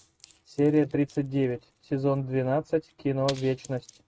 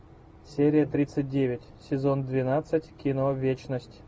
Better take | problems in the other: second | noise reduction (neural mask model RNNoise)

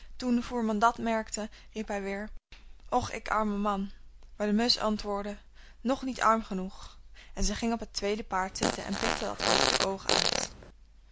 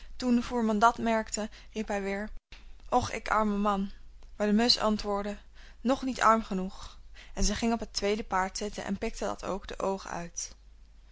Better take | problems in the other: second | background sound (Fart); 2 dB above the speech

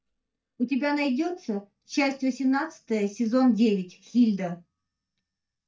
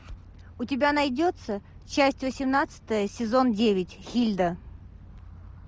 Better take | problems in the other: second | noise reduction (neural mask model DeepFilterNet 3)

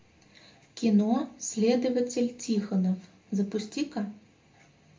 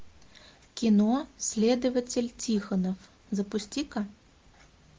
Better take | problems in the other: second | room echo; dies away in 0.3 s

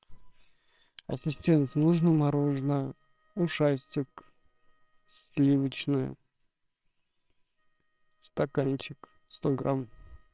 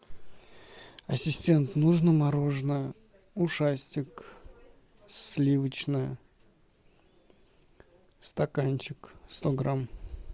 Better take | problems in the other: second | noise reduction (neural separator model SepFormer WHAMR!)

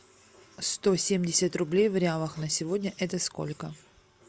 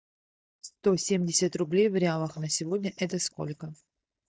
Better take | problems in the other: first | noise reduction (neural mask model DeepFilterNet 3)

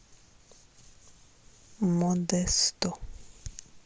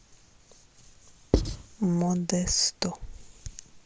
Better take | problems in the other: first | background sound (Writing); 3 dB above the speech

